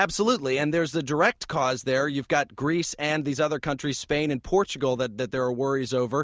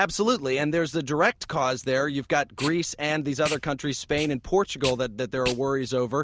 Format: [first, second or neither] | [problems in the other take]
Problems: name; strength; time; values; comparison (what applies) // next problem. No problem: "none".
first | background sound (Packing tape, duct tape); 15 dB below the speech